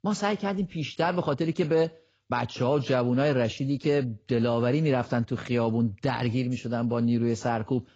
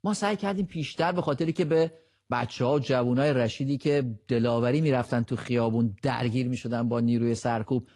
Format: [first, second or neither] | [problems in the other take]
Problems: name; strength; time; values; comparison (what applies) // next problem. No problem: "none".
second | garbled, watery; badly; nothing above 7.5 kHz; slightly in the second